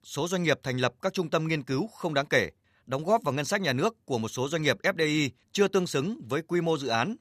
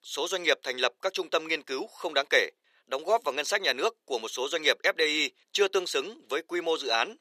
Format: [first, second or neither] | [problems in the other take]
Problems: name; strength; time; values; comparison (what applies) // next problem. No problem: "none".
first | thin; very; fading below 400 Hz